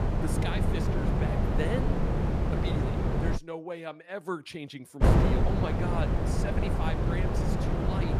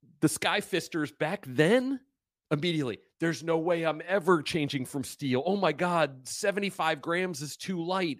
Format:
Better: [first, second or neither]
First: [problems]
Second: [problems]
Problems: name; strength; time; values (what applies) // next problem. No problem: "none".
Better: second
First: wind noise on the microphone; heavy; until 3.5 s and from 5 s on; 4 dB above the speech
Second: none